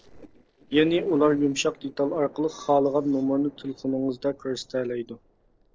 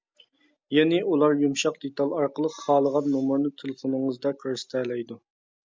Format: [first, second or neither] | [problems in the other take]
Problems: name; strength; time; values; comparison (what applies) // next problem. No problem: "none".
second | noise reduction (neural separator model SepFormer DNS4)